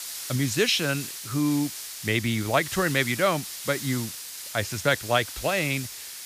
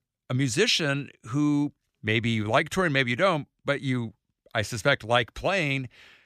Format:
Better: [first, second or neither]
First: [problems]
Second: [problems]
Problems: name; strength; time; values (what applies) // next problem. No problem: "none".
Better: second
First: hiss; loud; throughout; 8 dB below the speech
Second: none